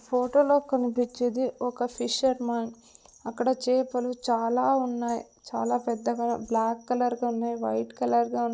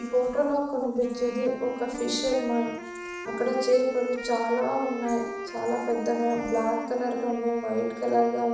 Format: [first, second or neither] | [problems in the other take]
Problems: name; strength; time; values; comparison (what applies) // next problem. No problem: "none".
first | background sound (Wind instrument, woodwind instrument); 11 dB below the speech // room echo; dies away in 0.7 s